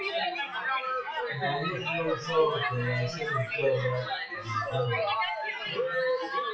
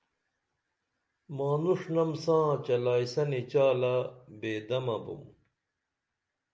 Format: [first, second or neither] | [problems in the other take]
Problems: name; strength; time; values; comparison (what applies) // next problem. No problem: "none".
second | noise reduction (classical method WPE with log-MMSE)